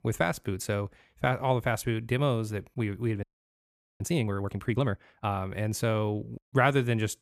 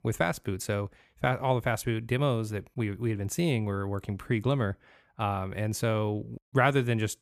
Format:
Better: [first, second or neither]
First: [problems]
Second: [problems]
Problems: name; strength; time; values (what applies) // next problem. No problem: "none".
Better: second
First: audio freezing; at 3 s for 1 s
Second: none